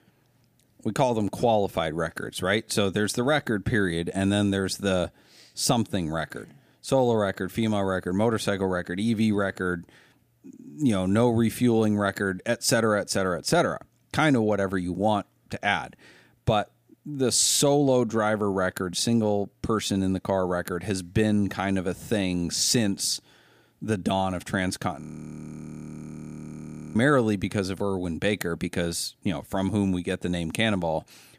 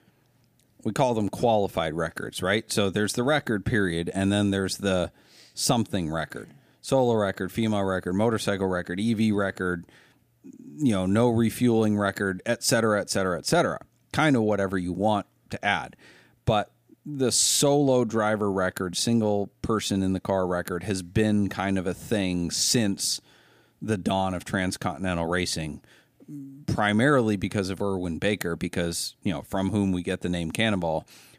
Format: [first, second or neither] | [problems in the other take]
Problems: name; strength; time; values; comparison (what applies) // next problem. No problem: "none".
second | audio freezing; at 25 s for 2 s